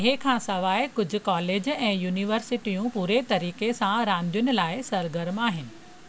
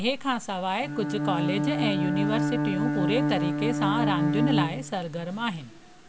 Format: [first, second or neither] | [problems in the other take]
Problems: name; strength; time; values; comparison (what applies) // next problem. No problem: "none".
first | background sound (Bowed string instrument); 2 dB above the speech